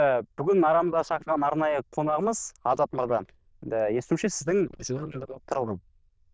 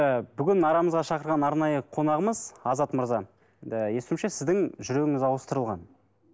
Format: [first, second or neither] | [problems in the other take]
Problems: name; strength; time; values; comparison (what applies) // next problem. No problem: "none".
second | noise reduction (neural diffusion model UNIVERSE++)